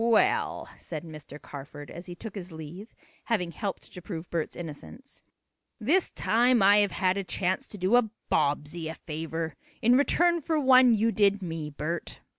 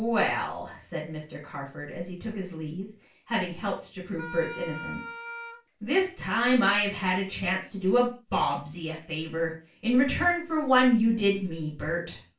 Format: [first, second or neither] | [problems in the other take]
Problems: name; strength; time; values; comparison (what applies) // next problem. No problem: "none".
first | background sound (Wind instrument, woodwind instrument); 12 dB below the speech // room echo; dies away in 0.3 s